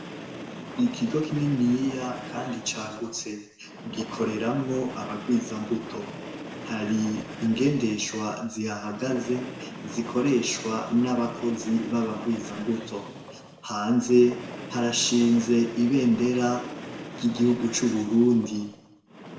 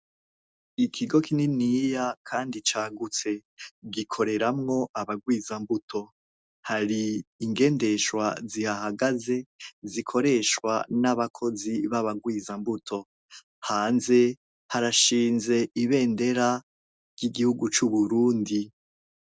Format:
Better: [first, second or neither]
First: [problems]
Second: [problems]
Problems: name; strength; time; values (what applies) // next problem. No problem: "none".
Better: second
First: background sound (Train); 12 dB below the speech // room echo; dies away in 0.8 s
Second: none